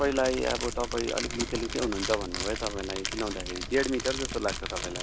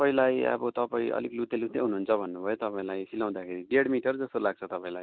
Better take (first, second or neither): second